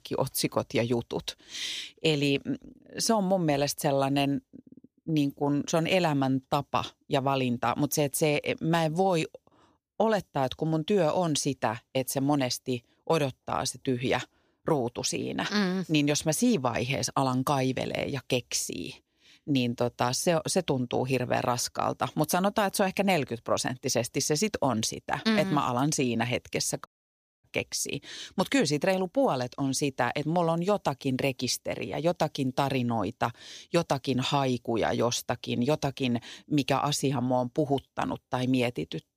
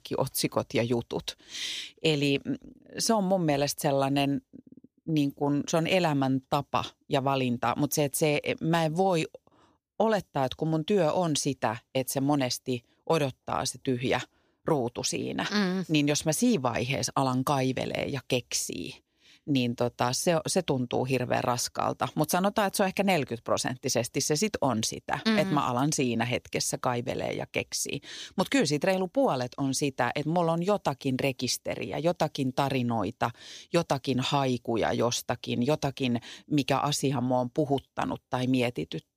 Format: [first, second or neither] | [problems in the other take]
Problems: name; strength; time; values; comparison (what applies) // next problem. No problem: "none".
second | audio cutting out; at 27 s for 0.5 s